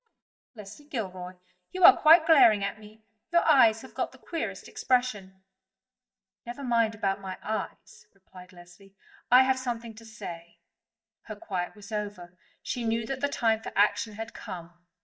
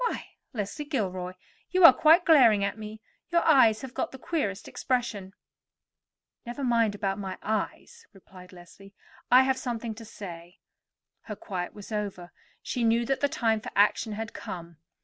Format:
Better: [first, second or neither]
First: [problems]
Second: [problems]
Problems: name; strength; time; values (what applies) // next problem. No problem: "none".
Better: second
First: noise reduction (neural mask model DeepFilterNet 3)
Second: none